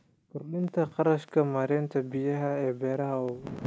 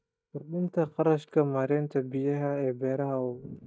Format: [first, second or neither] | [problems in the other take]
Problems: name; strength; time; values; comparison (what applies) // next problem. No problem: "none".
first | noise reduction (neural mask model DeepFilterNet 3)